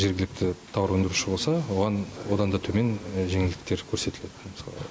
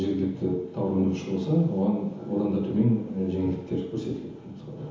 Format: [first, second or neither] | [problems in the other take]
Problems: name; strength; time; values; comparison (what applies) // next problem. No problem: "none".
first | room echo; dies away in 1 s